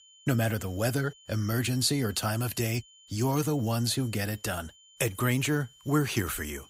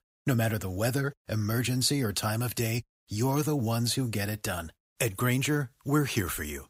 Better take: second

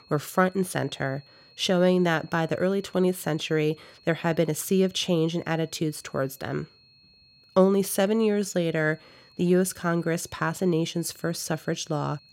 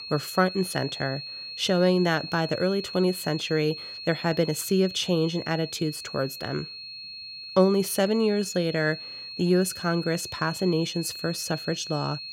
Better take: first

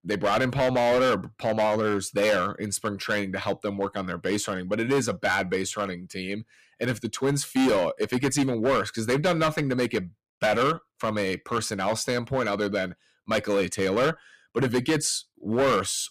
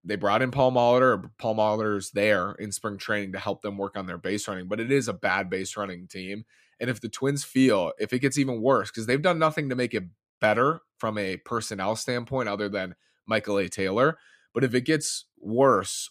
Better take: second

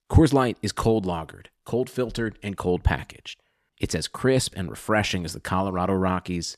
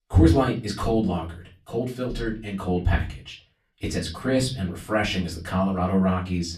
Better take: first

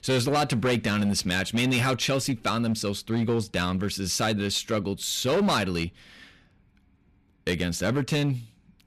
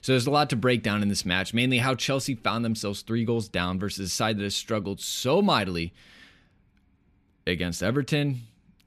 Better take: second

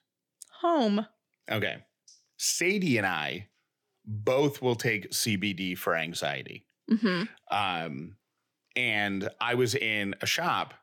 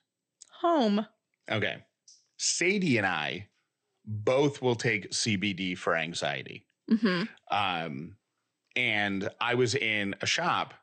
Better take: first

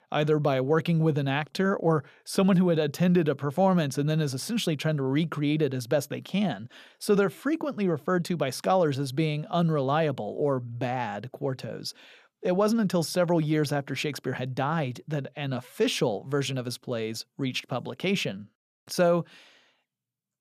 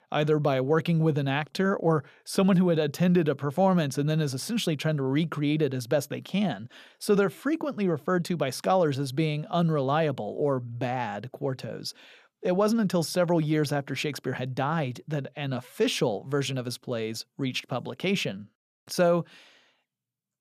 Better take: neither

